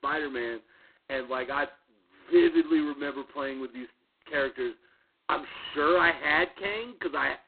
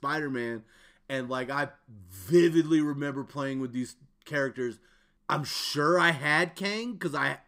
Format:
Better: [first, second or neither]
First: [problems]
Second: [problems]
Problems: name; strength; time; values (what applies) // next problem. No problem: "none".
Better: second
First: phone-call audio; poor line; nothing above 4 kHz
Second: none